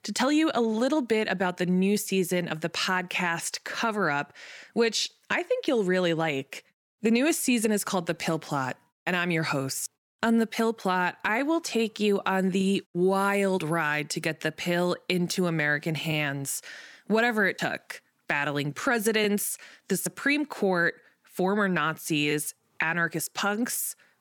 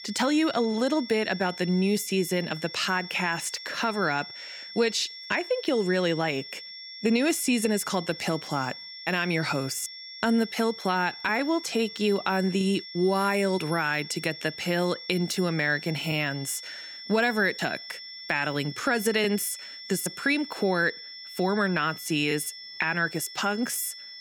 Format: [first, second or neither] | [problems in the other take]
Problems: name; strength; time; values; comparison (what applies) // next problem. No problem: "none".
first | high-pitched whine; noticeable; throughout; 5.5 kHz, 10 dB below the speech